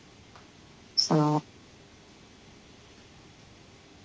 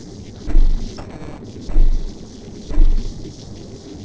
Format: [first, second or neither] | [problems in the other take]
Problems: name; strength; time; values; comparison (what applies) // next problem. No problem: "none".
first | noise reduction (neural separator model SepFormer DNS4)